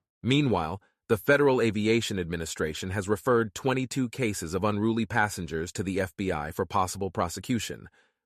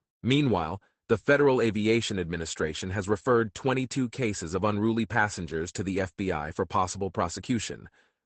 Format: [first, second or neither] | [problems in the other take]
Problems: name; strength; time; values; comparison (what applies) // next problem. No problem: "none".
first | garbled, watery; badly; nothing above 8 kHz